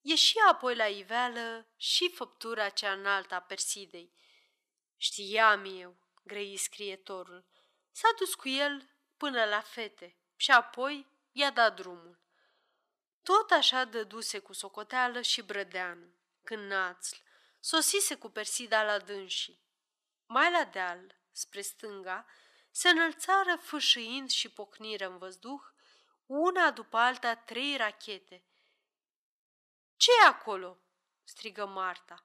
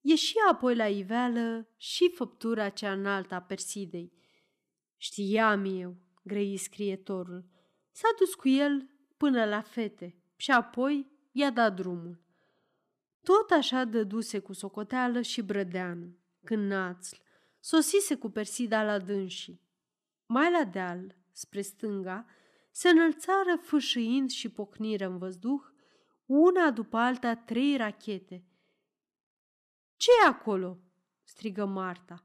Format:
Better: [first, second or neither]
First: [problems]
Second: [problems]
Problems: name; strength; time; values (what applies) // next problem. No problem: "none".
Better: second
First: thin; very; fading below 750 Hz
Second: none